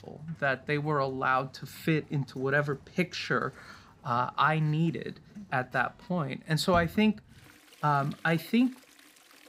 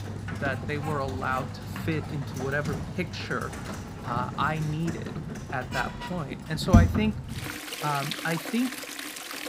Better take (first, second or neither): first